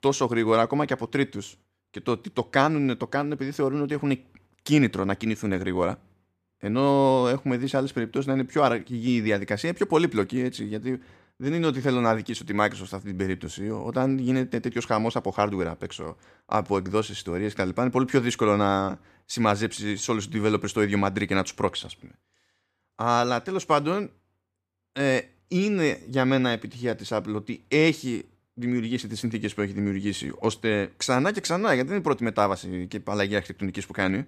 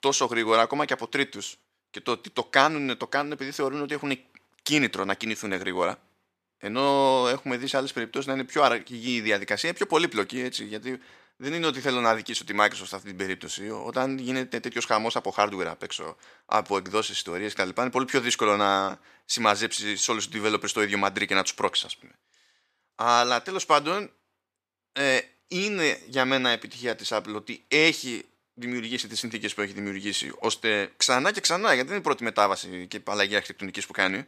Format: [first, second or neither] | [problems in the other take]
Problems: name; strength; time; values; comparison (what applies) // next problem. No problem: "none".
first | thin; somewhat; fading below 800 Hz